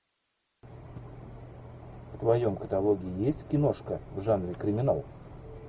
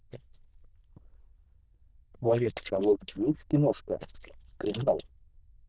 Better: first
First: none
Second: noise reduction (neural diffusion model UNIVERSE++)

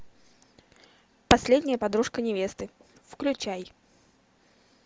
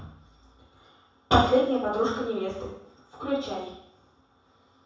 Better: first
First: none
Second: room echo; dies away in 0.7 s

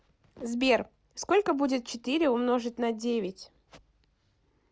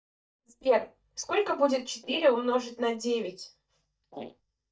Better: first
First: none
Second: noise reduction (neural mask model DeepFilterNet 3)

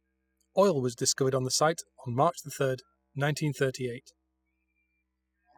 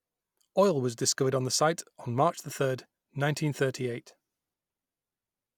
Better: second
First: noise reduction (classical method spectral subtraction)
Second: none

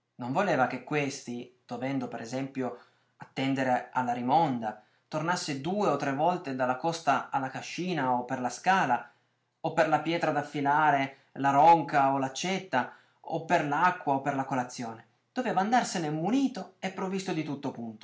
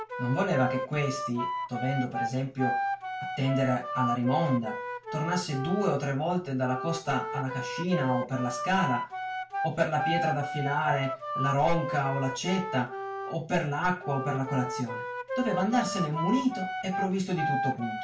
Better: first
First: none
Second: background sound (Wind instrument, woodwind instrument); 4 dB below the speech // room echo; dies away in 0.1 s

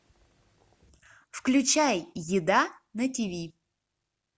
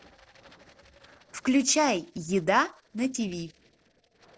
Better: first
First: none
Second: noise reduction (neural separator model SepFormer DNS4)

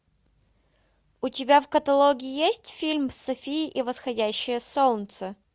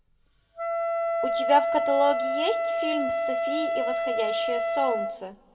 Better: first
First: none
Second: background sound (Wind instrument, woodwind instrument); 2 dB above the speech // room echo; dies away in 1.2 s

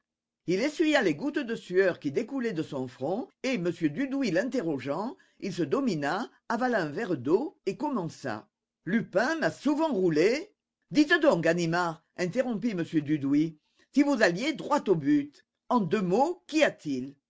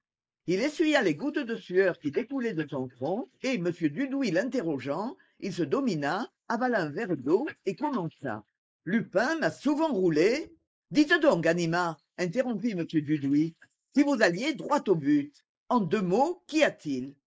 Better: first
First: none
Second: noise reduction (neural mask model Resemble Enhance denoiser)

